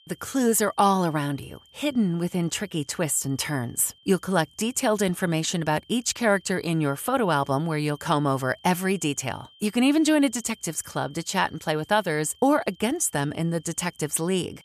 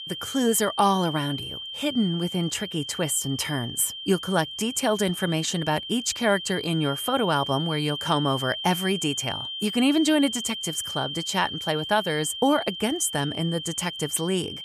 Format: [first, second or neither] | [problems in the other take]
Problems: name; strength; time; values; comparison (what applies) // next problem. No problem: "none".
first | high-pitched whine; loud; throughout; 3 kHz, 7 dB below the speech; faint in the first